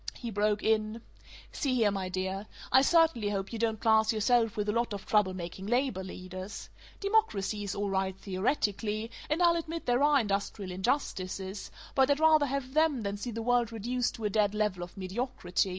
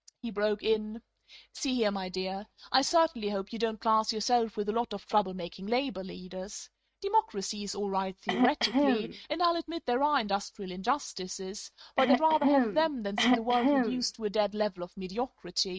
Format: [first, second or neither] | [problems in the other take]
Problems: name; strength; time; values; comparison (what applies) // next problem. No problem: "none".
first | noise reduction (neural mask model RNNoise)